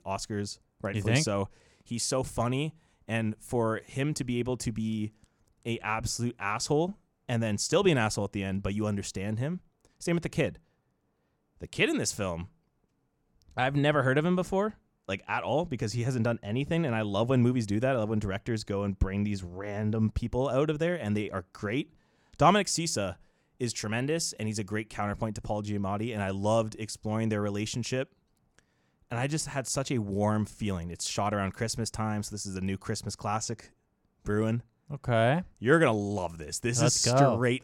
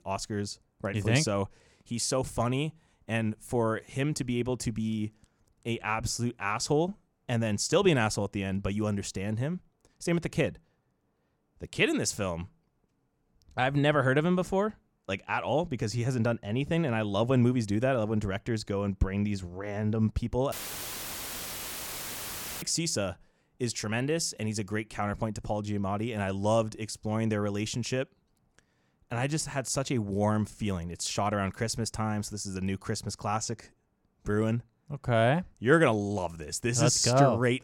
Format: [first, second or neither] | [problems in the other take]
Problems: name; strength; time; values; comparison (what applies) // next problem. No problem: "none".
first | audio cutting out; filled with static; at 21 s for 2 s